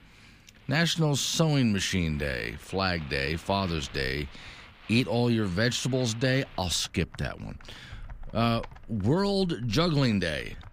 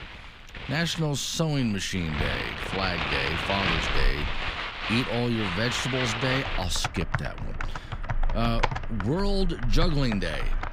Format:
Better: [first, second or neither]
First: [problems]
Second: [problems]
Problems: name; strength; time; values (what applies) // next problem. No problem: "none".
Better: first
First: household noises; faint; throughout; 20 dB below the speech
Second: household noises; loud; throughout; 2 dB below the speech